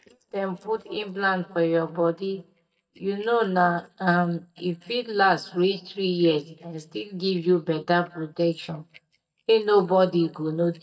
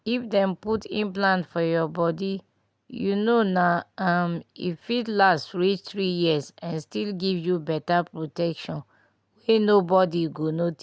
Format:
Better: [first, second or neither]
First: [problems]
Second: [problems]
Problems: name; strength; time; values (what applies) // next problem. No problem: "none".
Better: second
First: noise reduction (neural mask model DeepFilterNet 3)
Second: none